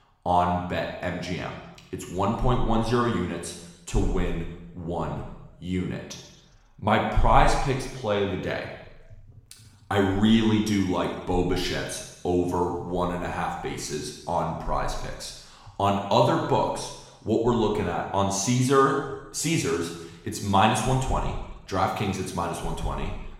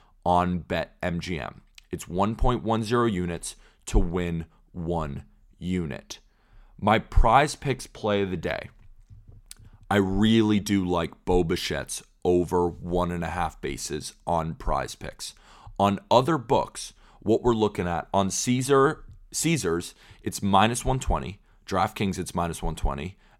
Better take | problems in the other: second | room echo; noticeable; dies away in 0.9 s // off-mic speech; somewhat distant

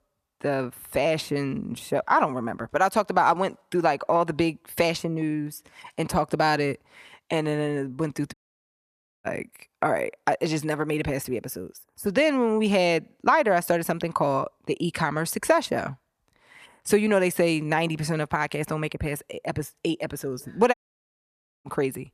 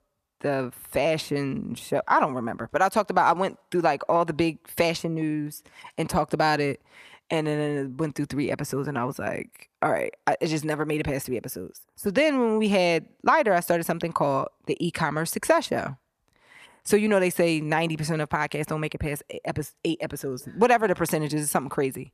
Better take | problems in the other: second | audio cutting out; at 8.5 s for 1 s and at 21 s for 1 s

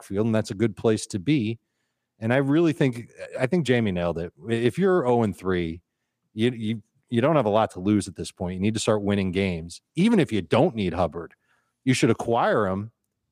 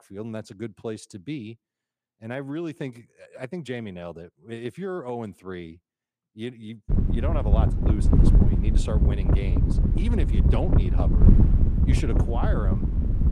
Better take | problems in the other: first | wind noise on the microphone; heavy; from 7 s on; 1 dB above the speech

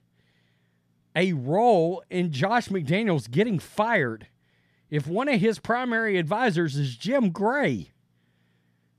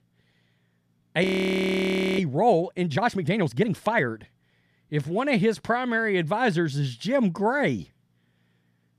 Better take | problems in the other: first | audio freezing; at 1 s for 1 s

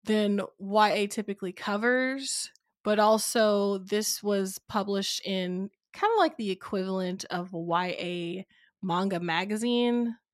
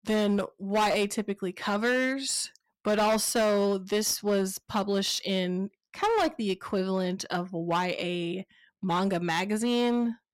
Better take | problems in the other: first | distortion; slight; 10% of the sound clipped

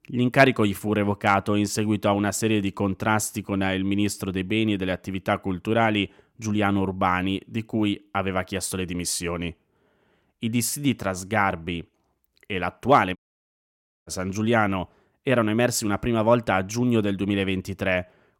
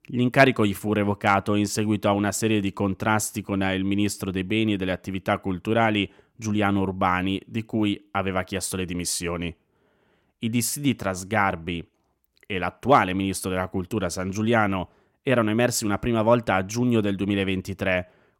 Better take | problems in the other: second | audio cutting out; at 13 s for 1 s

